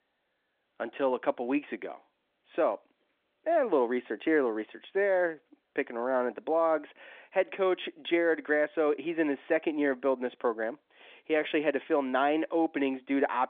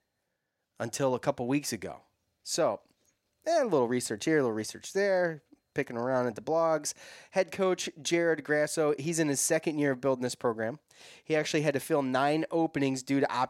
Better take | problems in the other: second | phone-call audio; nothing above 3.5 kHz

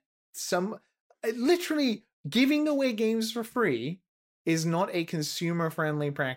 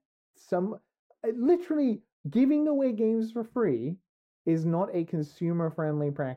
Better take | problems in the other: first | muffled; very; fading above 1.5 kHz

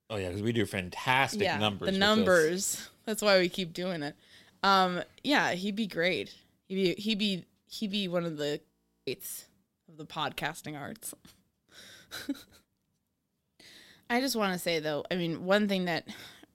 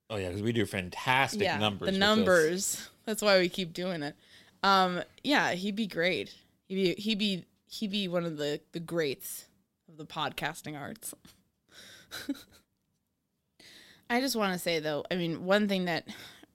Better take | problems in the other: second | audio freezing; at 8.5 s

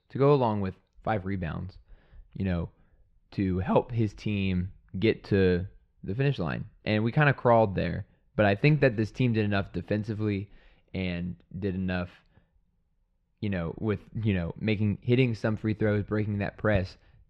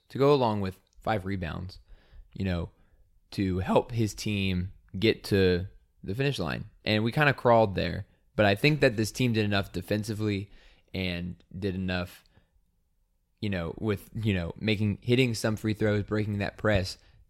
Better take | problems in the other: second | muffled; slightly; fading above 2.5 kHz

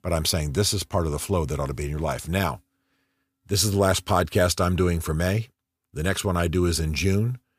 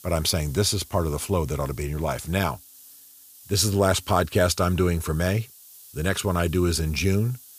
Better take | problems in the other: first | hiss; faint; throughout; 20 dB below the speech

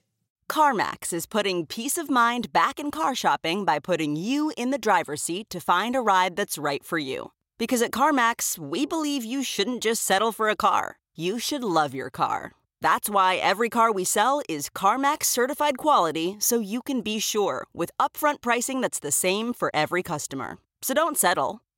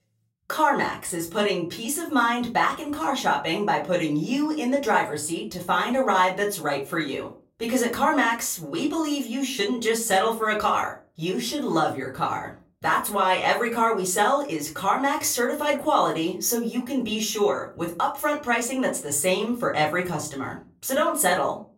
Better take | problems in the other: first | off-mic speech; far // room echo; very slight; dies away in 0.3 s

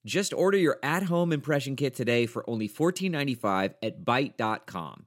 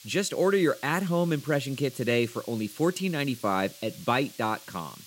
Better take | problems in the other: first | hiss; noticeable; throughout; 20 dB below the speech

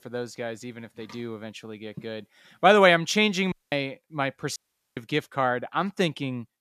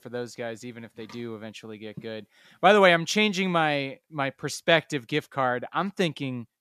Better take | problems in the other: second | audio cutting out; at 3.5 s and at 4.5 s

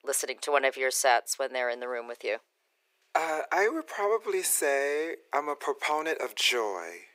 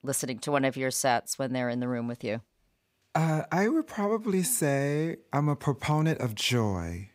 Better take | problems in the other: second | thin; very; fading below 400 Hz

